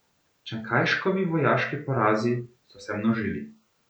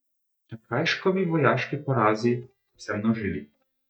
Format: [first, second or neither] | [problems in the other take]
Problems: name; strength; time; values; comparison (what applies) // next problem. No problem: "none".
first | noise reduction (neural mask model DeepFilterNet 3)